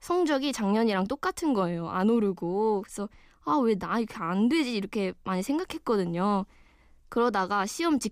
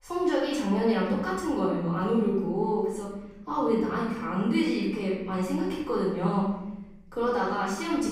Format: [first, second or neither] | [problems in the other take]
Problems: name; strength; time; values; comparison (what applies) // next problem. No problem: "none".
first | off-mic speech; far // room echo; noticeable; dies away in 1.1 s